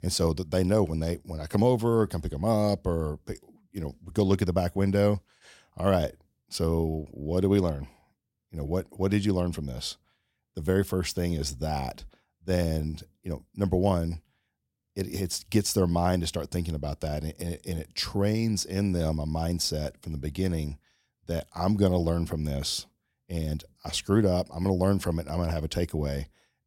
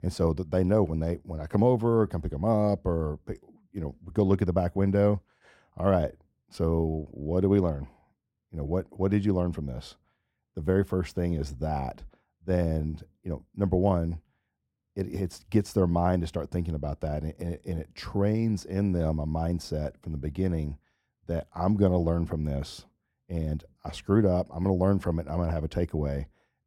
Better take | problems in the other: first | muffled; slightly; fading above 2.5 kHz

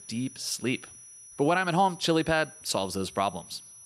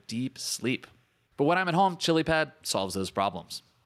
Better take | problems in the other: second | high-pitched whine; noticeable; throughout; 10 kHz, 20 dB below the speech

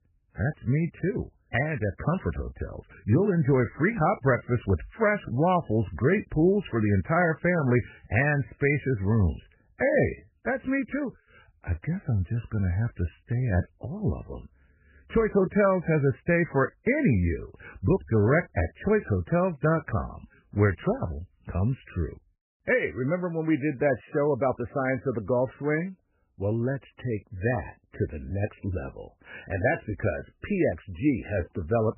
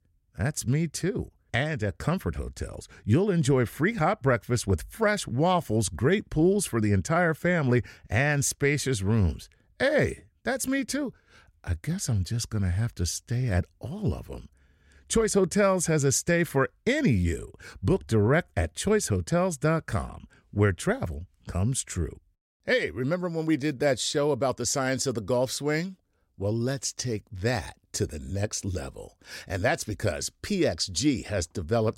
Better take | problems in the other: second | garbled, watery; badly; nothing above 2.5 kHz

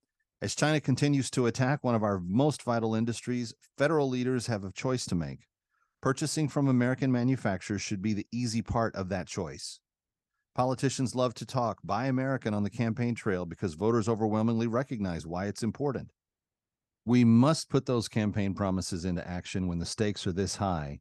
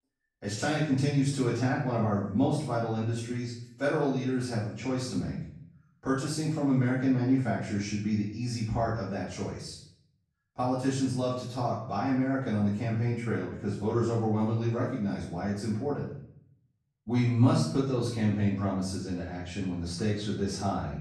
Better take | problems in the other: first | room echo; noticeable; dies away in 0.6 s // off-mic speech; far

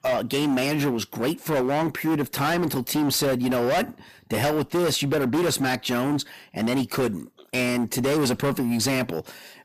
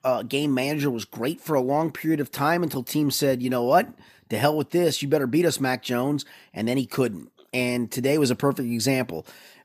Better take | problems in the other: second | distortion; heavy; 22% of the sound clipped

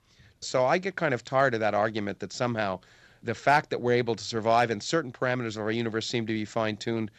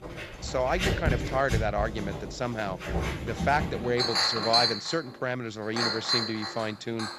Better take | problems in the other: first | household noises; very loud; throughout; 1 dB above the speech

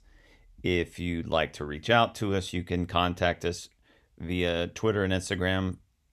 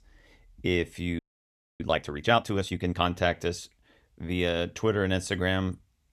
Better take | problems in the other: first | audio freezing; at 1 s for 0.5 s

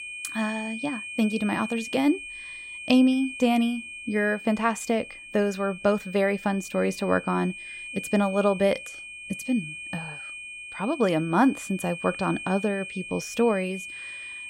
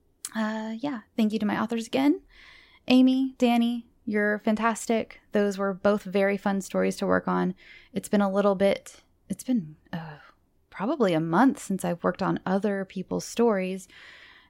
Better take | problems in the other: second | high-pitched whine; noticeable; throughout; 2.5 kHz, 10 dB below the speech

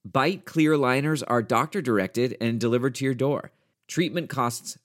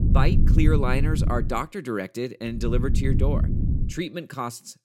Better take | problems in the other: first | low rumble; loud; until 1.5 s and from 2.5 to 4 s; 7 dB below the speech

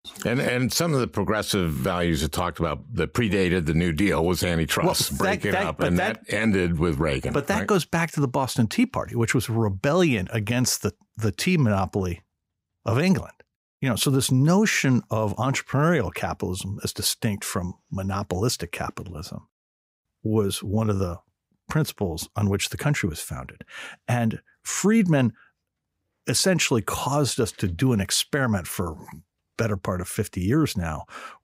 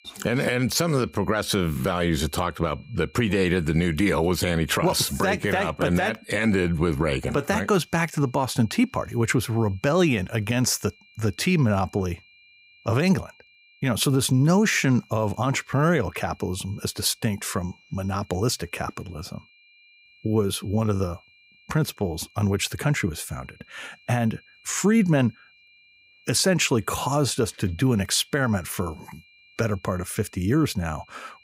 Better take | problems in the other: first | high-pitched whine; faint; throughout; 2.5 kHz, 30 dB below the speech

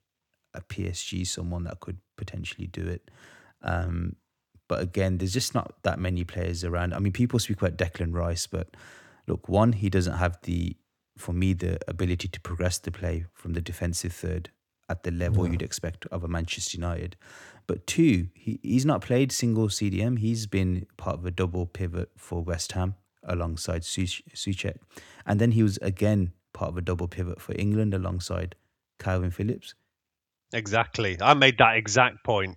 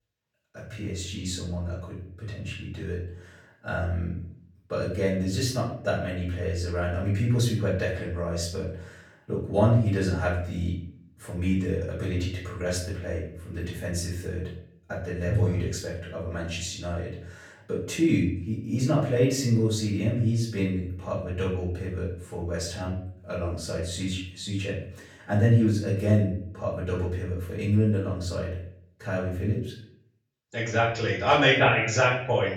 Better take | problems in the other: first | off-mic speech; far // room echo; noticeable; dies away in 0.5 s

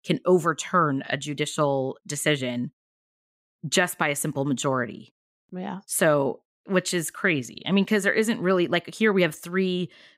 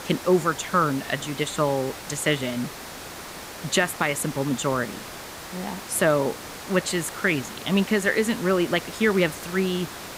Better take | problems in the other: first | hiss; noticeable; throughout; 10 dB below the speech

